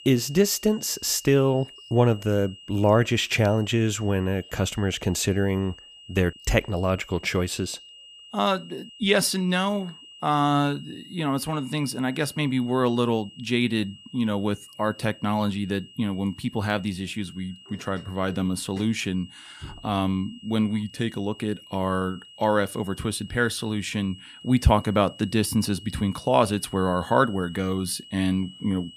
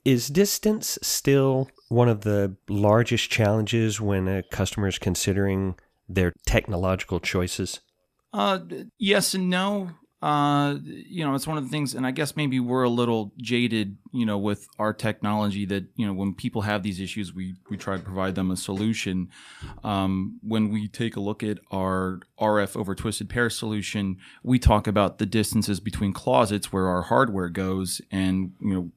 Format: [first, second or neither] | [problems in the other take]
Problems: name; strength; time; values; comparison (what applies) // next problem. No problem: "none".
second | high-pitched whine; noticeable; throughout; 3 kHz, 20 dB below the speech